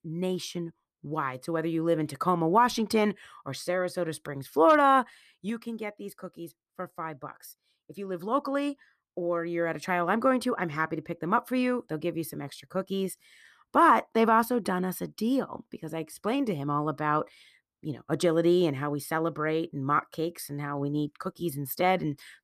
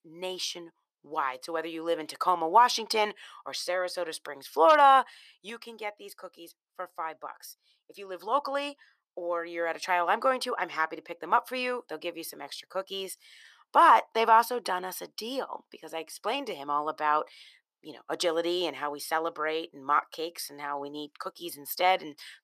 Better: first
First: none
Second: thin; very; fading below 600 Hz

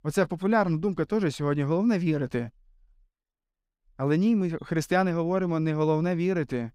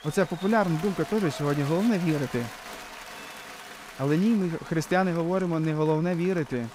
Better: first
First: none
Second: crowd noise; noticeable; throughout; 15 dB below the speech

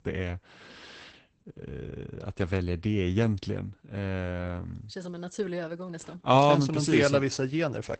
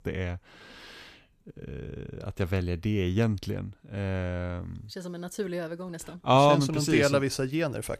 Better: second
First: garbled, watery; badly; nothing above 8 kHz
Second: none

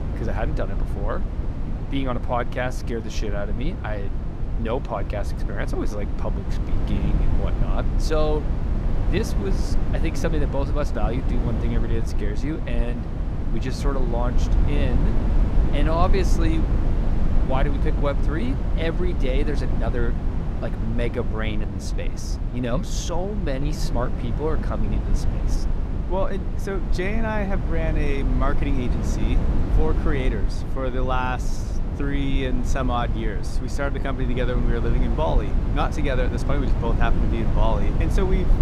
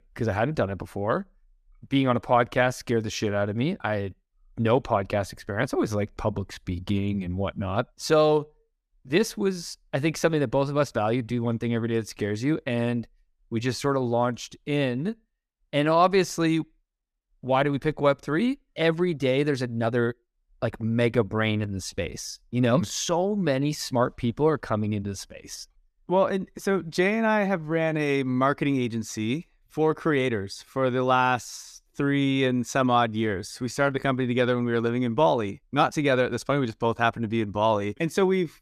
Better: second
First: low rumble; loud; throughout; 7 dB below the speech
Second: none

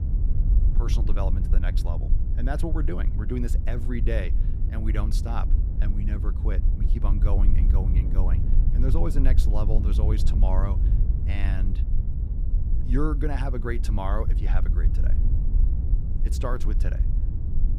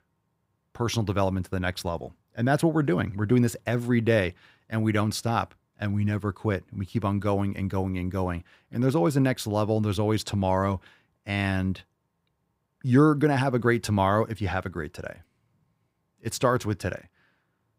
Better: second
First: wind noise on the microphone; heavy; 7 dB below the speech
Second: none

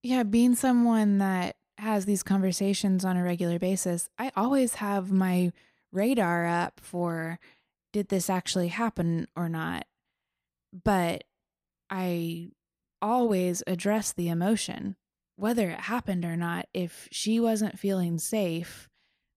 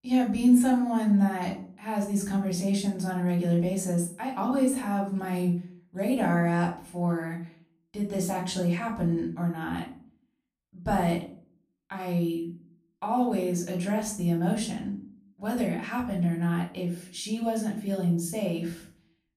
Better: first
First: none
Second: off-mic speech; far // room echo; slight; dies away in 0.4 s

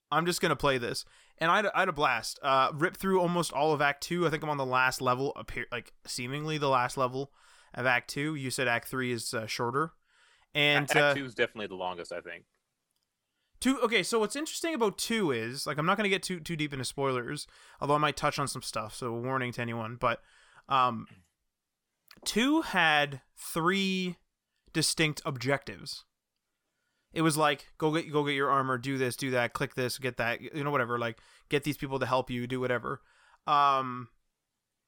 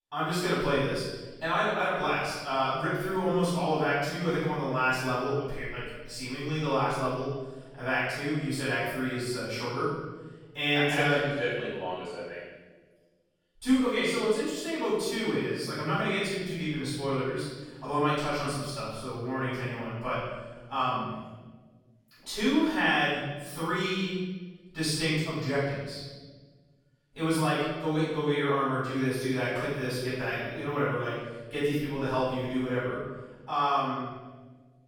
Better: first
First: none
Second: off-mic speech; far // room echo; strong; dies away in 1.3 s

